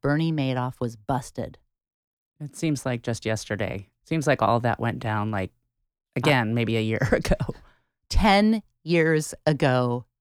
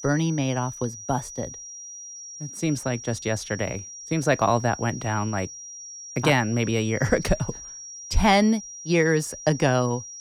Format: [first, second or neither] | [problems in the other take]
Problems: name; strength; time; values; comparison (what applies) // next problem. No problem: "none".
first | high-pitched whine; noticeable; throughout; 5.5 kHz, 10 dB below the speech